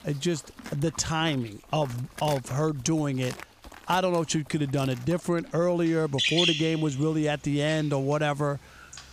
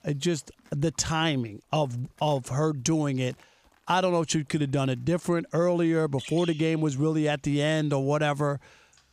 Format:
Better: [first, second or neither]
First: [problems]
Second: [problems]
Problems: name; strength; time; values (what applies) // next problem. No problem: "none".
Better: second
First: animal sounds; loud; throughout; 4 dB below the speech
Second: animal sounds; faint; throughout; 20 dB below the speech